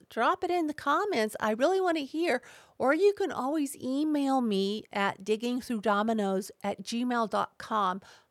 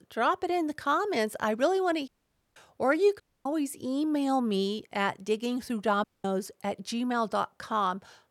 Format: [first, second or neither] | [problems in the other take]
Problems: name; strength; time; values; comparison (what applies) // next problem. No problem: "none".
first | audio cutting out; at 2 s, at 3 s and at 6 s